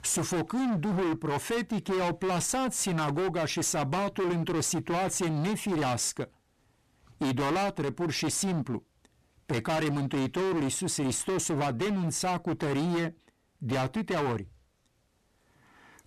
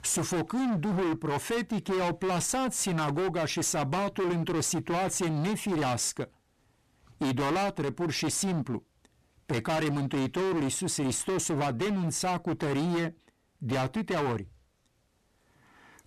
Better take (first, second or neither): neither